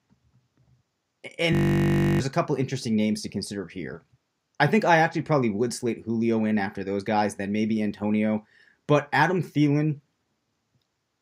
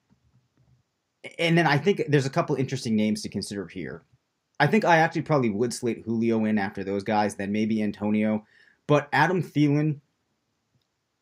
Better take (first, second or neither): second